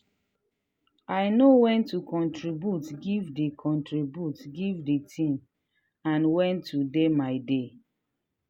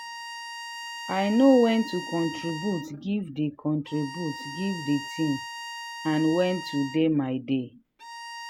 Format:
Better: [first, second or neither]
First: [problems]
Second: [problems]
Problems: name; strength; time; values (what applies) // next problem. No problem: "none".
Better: first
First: none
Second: background sound (Bowed string instrument); 12 dB below the speech